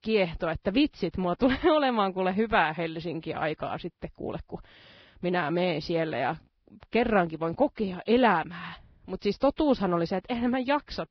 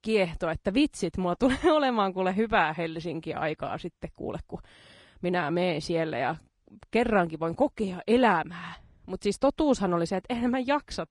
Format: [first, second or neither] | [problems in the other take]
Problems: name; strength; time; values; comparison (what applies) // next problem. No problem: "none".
second | garbled, watery; badly; nothing above 5 kHz; slightly in the second